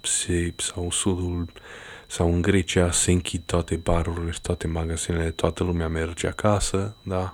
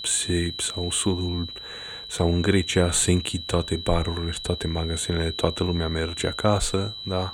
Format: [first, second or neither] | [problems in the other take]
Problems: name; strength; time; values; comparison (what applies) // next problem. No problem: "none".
first | high-pitched whine; loud; throughout; 4 kHz, 9 dB below the speech; faint in the first